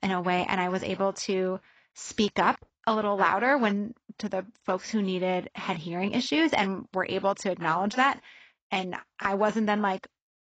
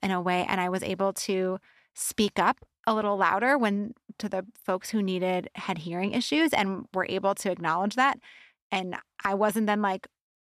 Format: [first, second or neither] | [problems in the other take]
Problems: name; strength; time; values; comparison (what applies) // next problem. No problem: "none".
second | garbled, watery; badly; nothing above 7.5 kHz